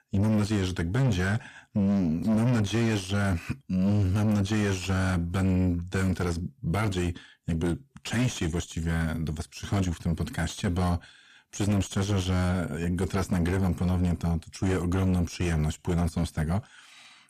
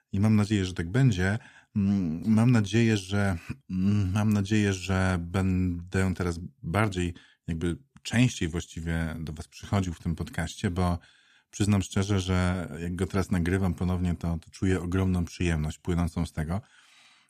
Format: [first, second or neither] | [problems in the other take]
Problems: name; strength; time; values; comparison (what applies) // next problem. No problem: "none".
second | distortion; heavy; 7 dB below the speech